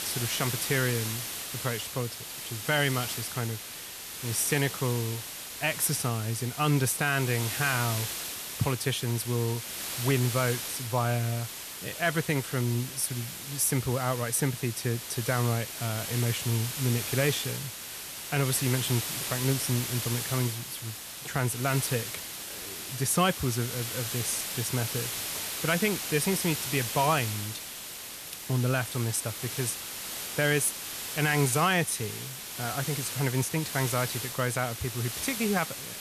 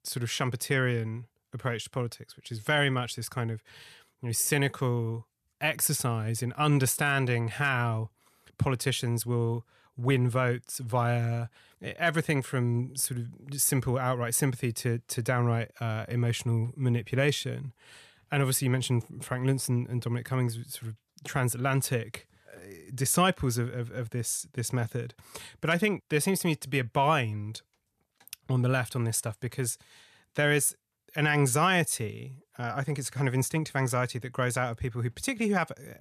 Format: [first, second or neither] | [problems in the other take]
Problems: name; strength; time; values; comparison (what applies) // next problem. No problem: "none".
second | hiss; loud; throughout; 5 dB below the speech